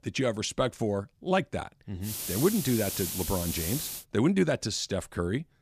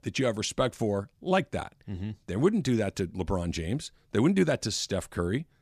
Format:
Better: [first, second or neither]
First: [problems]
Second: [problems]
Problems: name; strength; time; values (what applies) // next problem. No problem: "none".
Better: second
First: hiss; loud; from 2 to 4 s; 3 dB below the speech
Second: none